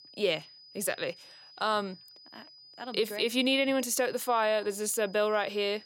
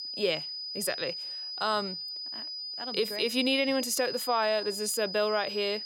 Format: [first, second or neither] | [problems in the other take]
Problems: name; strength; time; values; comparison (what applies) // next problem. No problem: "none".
first | high-pitched whine; loud; throughout; 5 kHz, 5 dB below the speech; faint in the first